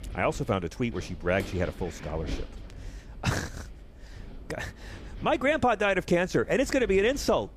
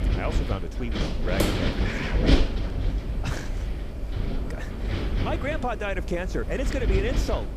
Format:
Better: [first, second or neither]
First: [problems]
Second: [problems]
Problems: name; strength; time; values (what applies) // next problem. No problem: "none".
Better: first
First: wind noise on the microphone; occasional gusts; 20 dB below the speech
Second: wind noise on the microphone; heavy; 1 dB below the speech